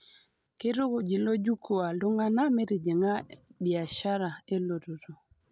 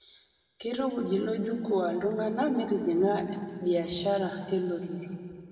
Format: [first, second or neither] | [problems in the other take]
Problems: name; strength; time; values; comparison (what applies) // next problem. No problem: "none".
first | room echo; dies away in 2.1 s